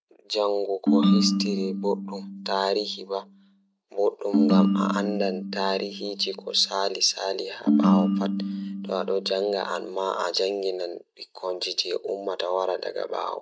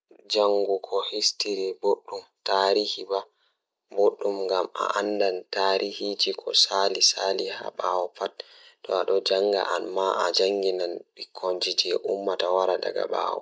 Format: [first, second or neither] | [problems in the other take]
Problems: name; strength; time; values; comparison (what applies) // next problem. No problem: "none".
second | background sound (Ringtone); 2 dB above the speech